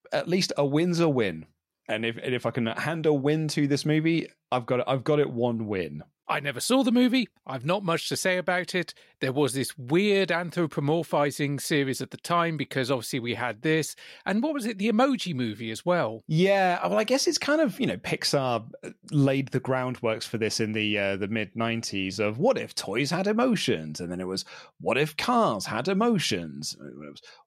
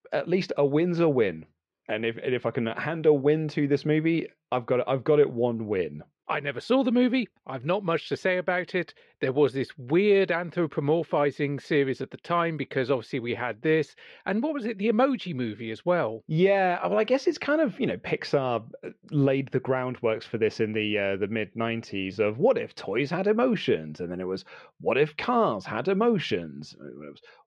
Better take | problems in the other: first | muffled; slightly; fading above 2.5 kHz

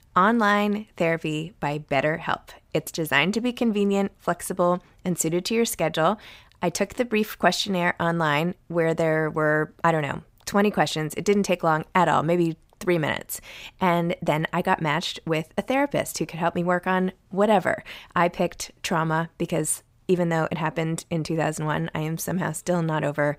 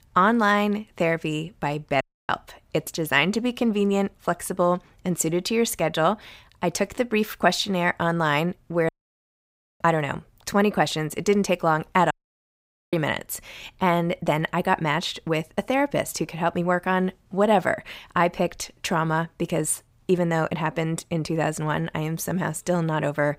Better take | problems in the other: first | audio cutting out; at 2 s, at 9 s for 1 s and at 12 s for 1 s

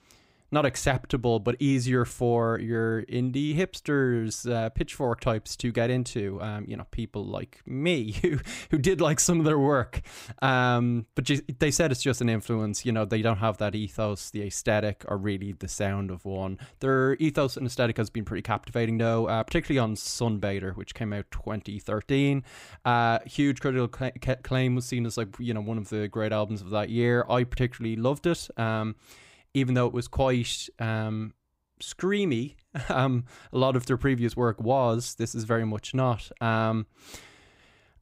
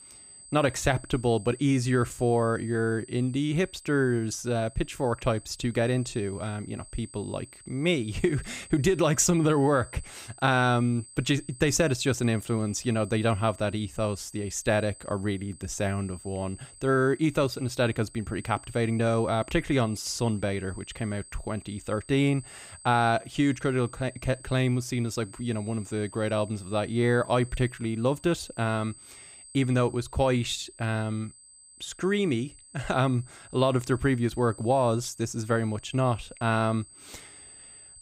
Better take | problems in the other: first | high-pitched whine; noticeable; throughout; 8 kHz, 20 dB below the speech

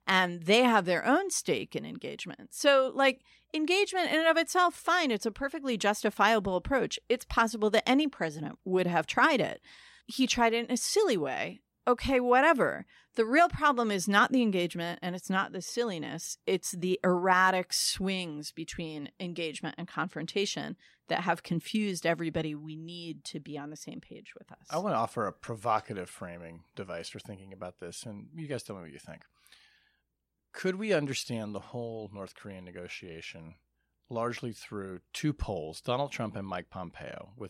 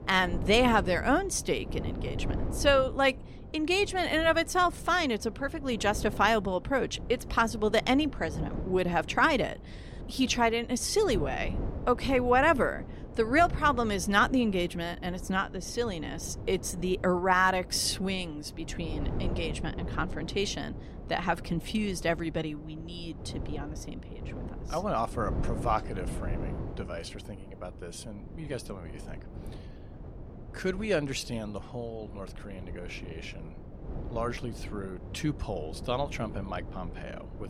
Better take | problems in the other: first | wind noise on the microphone; occasional gusts; 20 dB below the speech

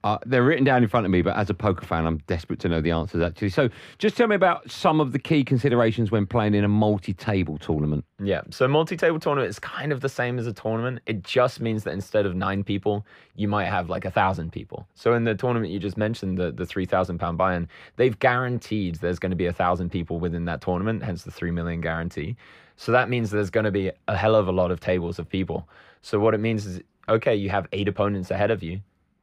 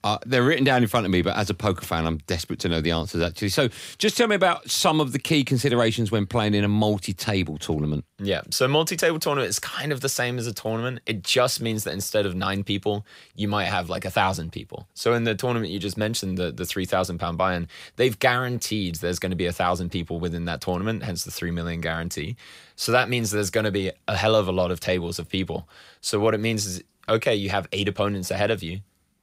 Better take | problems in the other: second | muffled; very; fading above 3.5 kHz

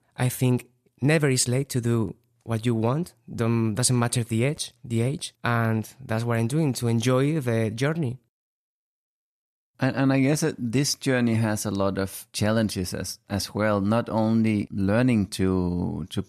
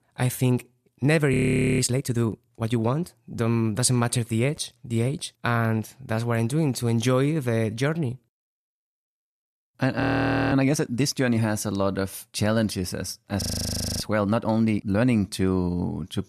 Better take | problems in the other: first | audio freezing; at 1.5 s, at 10 s for 0.5 s and at 13 s for 0.5 s

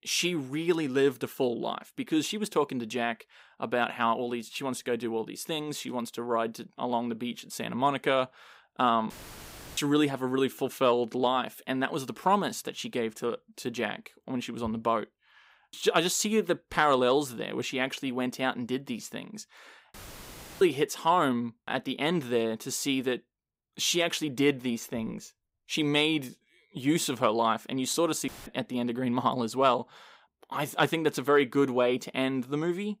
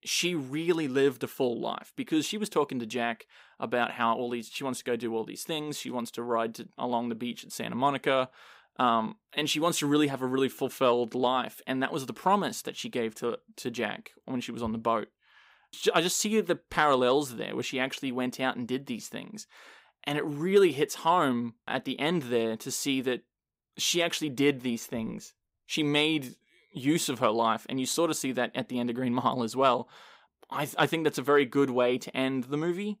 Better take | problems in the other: second | audio cutting out; filled with static; at 9 s for 0.5 s, at 20 s for 0.5 s and at 28 s

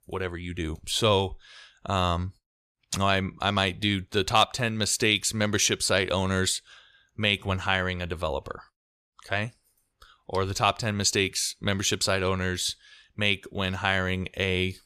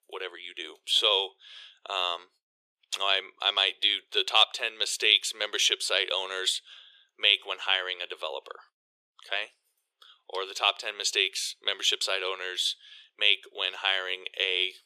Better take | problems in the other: first | thin; very; fading below 400 Hz

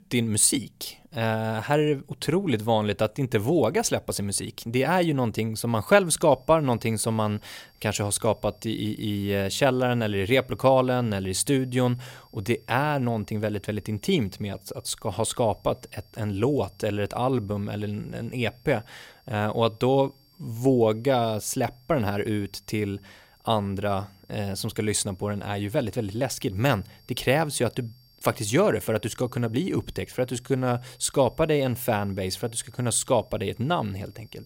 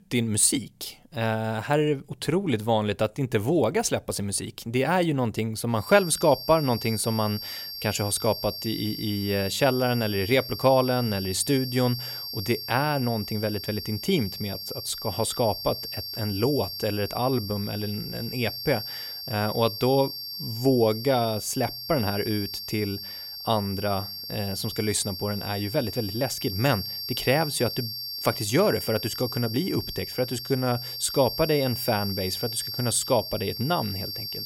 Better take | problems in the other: first | high-pitched whine; loud; from 6 s on; 4.5 kHz, 7 dB below the speech; faint in the first

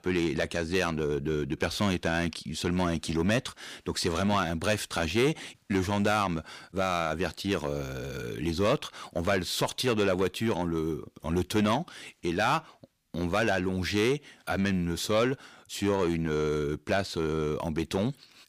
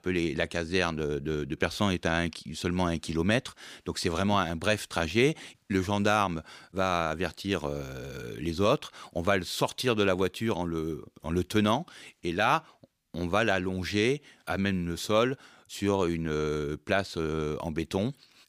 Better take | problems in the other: second | distortion; slight; 10 dB below the speech

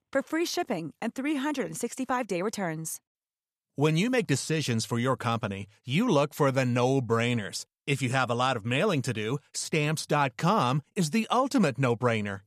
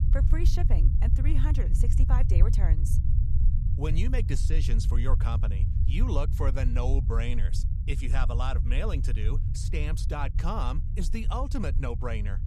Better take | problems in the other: first | low rumble; loud; throughout; 7 dB below the speech

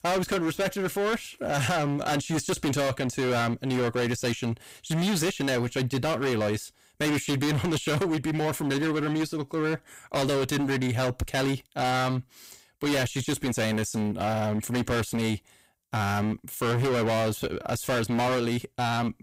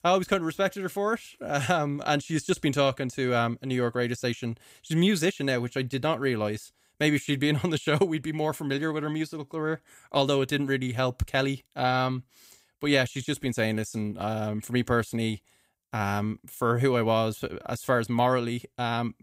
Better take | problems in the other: second | distortion; heavy; 28% of the sound clipped

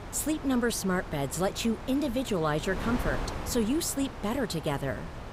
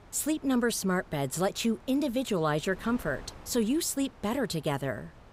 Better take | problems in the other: second | wind noise on the microphone; heavy; 9 dB below the speech; occasional gusts in the second

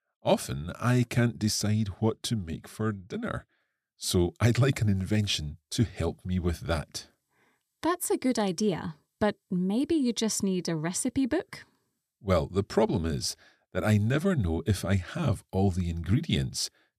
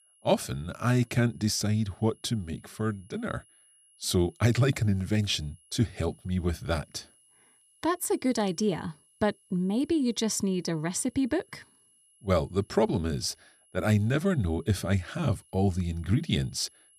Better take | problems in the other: first | high-pitched whine; faint; throughout; 10.5 kHz, 30 dB below the speech

